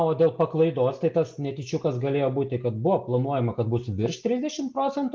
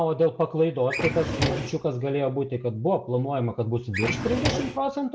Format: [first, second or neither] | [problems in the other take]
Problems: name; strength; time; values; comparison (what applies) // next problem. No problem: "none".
first | background sound (Drawer open or close); 3 dB below the speech